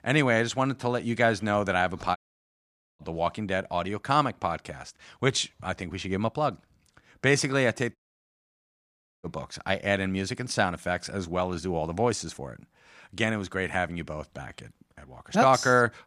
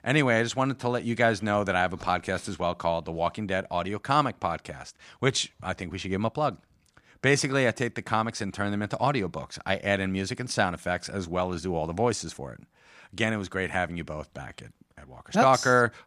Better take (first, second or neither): second